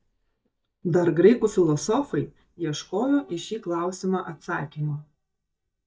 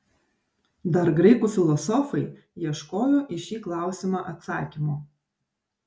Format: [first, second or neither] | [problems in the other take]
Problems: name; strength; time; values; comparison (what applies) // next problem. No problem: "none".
second | noise reduction (neural mask model DeepFilterNet 3)